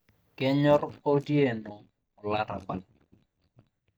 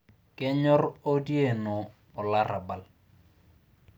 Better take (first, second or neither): second